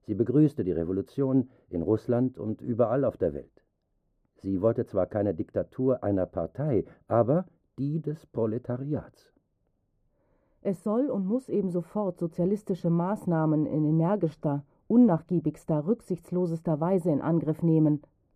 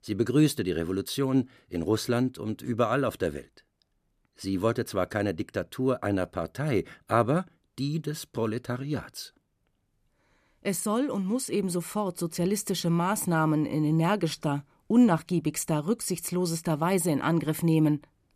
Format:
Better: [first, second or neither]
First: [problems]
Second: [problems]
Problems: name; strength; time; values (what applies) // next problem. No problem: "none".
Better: second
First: muffled; very; fading above 1.5 kHz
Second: none